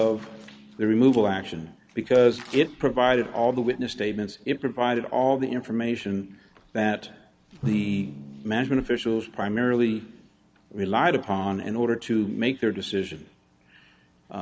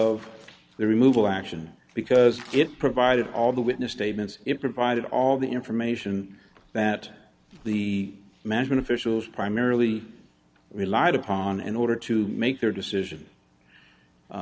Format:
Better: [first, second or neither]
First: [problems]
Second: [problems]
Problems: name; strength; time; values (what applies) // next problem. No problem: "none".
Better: second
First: background sound (Drum); 20 dB below the speech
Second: none